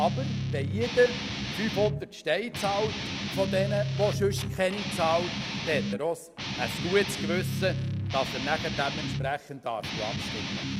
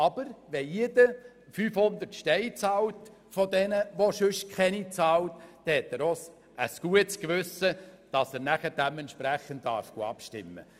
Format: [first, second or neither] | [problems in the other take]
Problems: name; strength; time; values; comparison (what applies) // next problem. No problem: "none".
second | background sound (Guitar); 2 dB below the speech